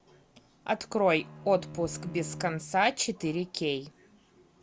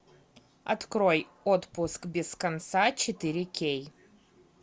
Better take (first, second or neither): second